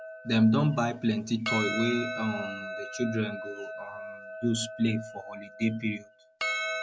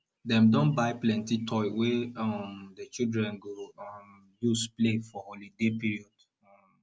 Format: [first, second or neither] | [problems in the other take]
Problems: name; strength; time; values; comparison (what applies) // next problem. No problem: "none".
second | background sound (Percussion); 7 dB below the speech